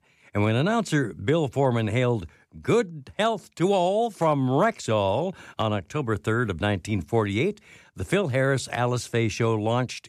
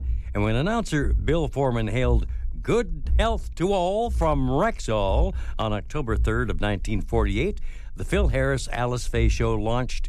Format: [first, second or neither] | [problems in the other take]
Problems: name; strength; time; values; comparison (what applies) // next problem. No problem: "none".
first | low rumble; faint; throughout; 25 dB below the speech